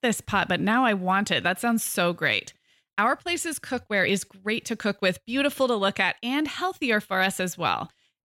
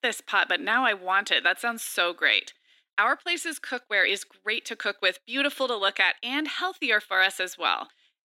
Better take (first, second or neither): first